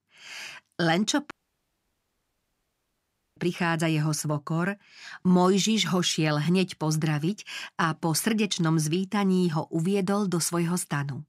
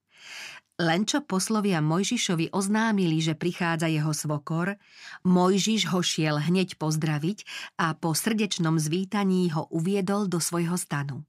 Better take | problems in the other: second | audio cutting out; at 1.5 s for 2 s

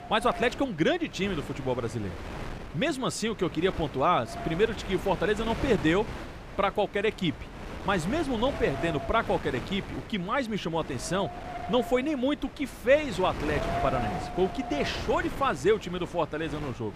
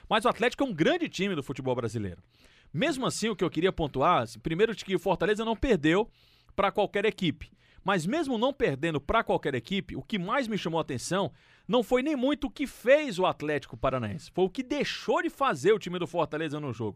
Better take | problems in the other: second | wind noise on the microphone; heavy; 10 dB below the speech

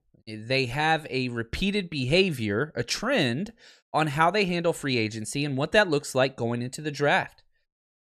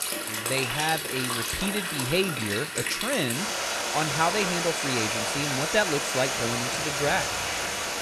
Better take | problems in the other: first | rain or running water; very loud; throughout; 1 dB above the speech

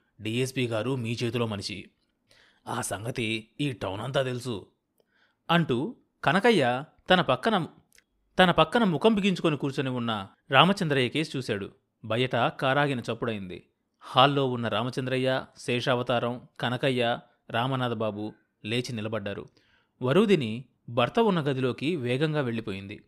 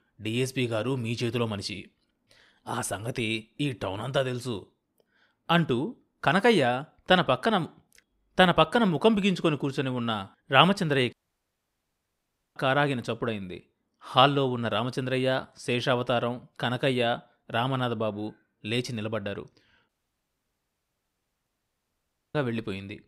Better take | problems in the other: first | audio cutting out; at 11 s for 1.5 s and at 20 s for 2.5 s

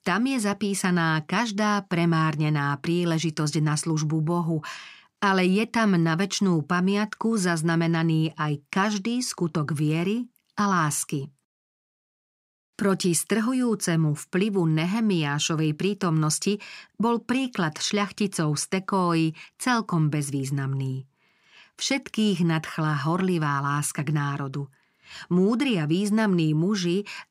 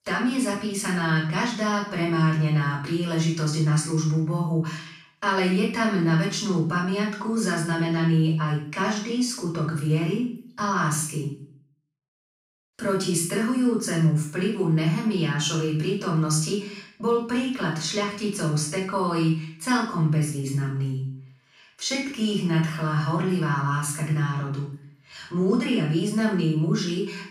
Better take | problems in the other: first | off-mic speech; far // room echo; noticeable; dies away in 0.5 s

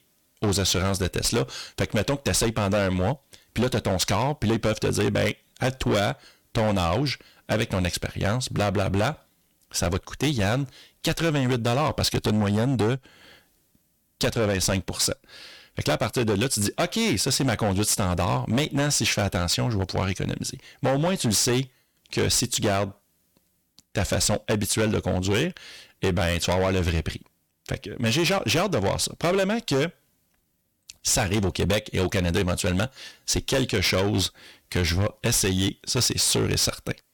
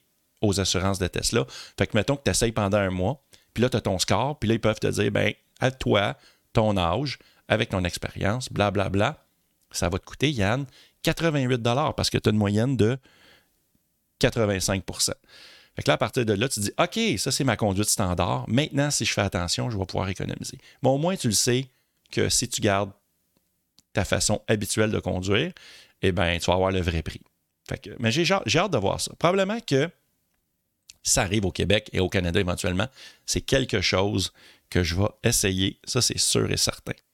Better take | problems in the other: second | distortion; heavy; 14% of the sound clipped

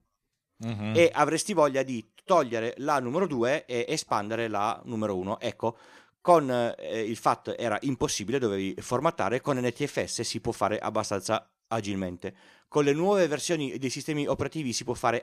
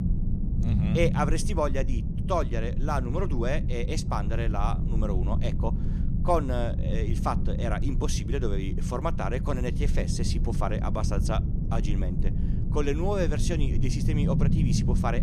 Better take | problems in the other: first | low rumble; loud; throughout; 8 dB below the speech

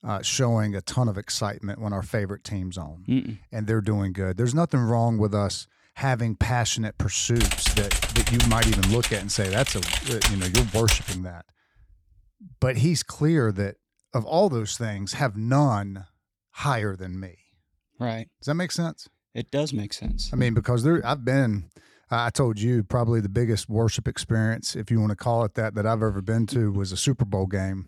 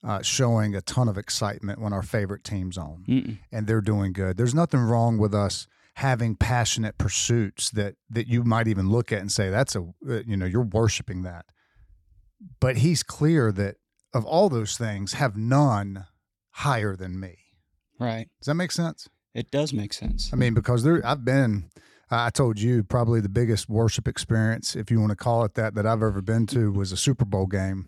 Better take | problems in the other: second | keyboard typing; loud; from 7.5 to 11 s; peak 3 dB above the speech

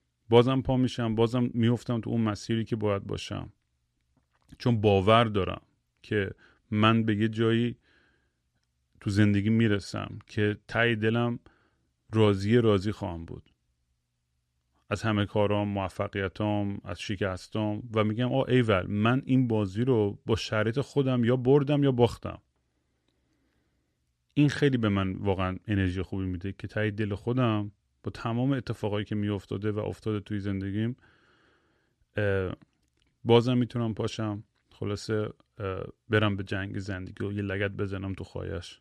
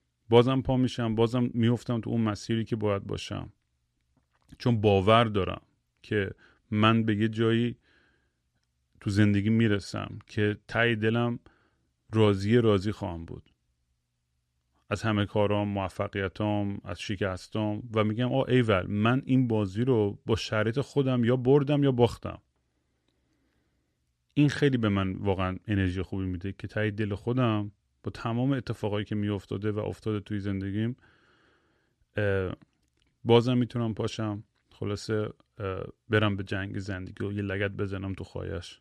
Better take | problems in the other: neither | none

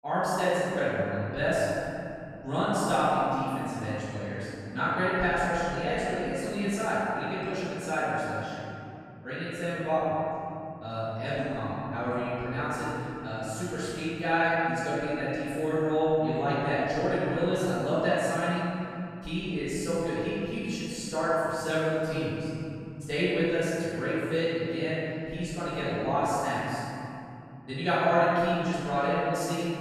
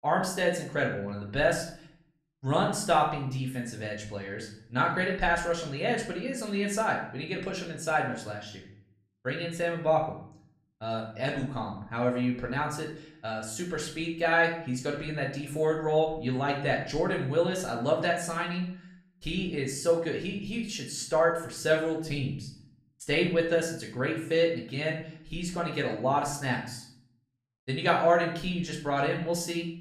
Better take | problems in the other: second | room echo; strong; dies away in 2.9 s; slight in the second // off-mic speech; far; far in the second

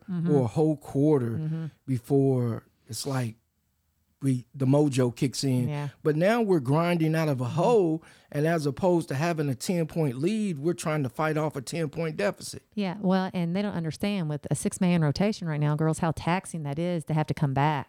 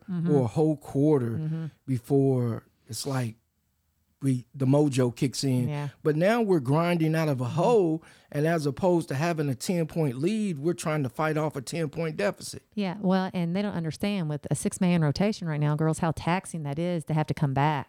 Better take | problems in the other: neither | none

